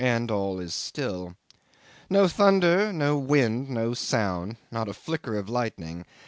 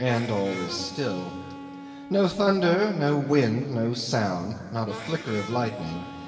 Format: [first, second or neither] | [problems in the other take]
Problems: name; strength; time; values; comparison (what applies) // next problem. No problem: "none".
first | background sound (Harmonica); 15 dB below the speech // room echo; dies away in 2.2 s